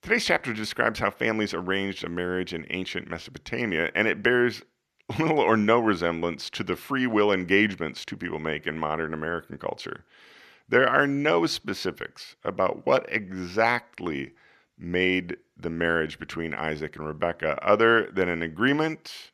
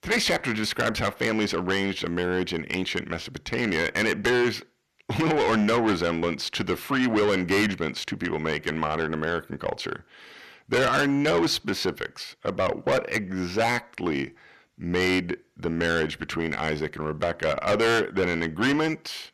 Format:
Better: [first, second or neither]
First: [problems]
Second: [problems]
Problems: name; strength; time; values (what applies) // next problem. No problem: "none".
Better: first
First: none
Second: distortion; heavy; 6 dB below the speech